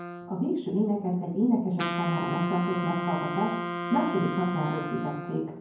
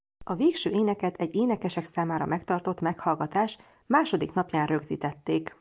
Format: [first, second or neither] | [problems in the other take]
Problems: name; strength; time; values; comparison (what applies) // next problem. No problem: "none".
second | background sound (Wind instrument, woodwind instrument); 5 dB below the speech // room echo; dies away in 0.9 s